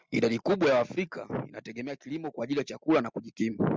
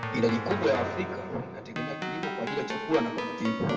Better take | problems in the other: first | background sound (Keyboard (musical)); 5 dB below the speech // room echo; dies away in 2 s

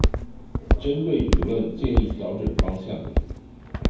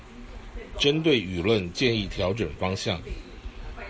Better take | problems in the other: second | background sound (Walk, footsteps); 4 dB above the speech // room echo; dies away in 0.9 s

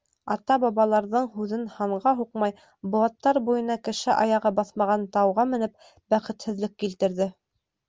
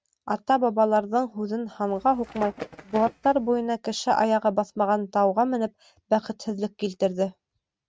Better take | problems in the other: first | noise reduction (neural mask model RNNoise)

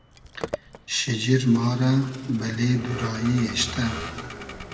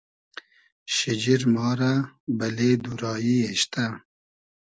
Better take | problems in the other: second | background sound (Vehicle); 12 dB below the speech // room echo; dies away in 1.6 s

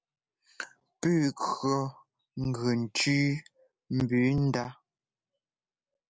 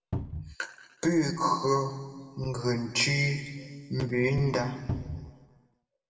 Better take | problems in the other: first | background sound (Cupboard open or close); 4 dB below the speech // room echo; dies away in 1.6 s

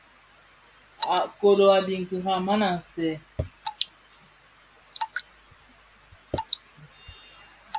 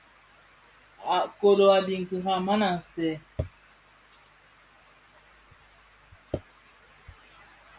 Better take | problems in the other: second | background sound (Drip / Water); 13 dB below the speech

